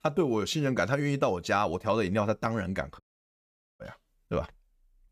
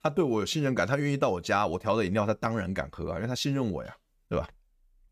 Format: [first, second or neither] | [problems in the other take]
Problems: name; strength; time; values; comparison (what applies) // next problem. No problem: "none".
second | audio cutting out; at 3 s for 1 s